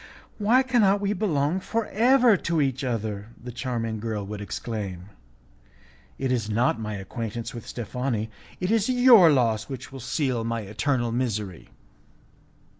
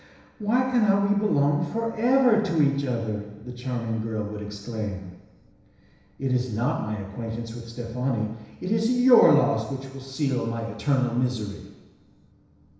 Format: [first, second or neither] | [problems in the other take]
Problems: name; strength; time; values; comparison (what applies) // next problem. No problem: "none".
first | room echo; dies away in 1 s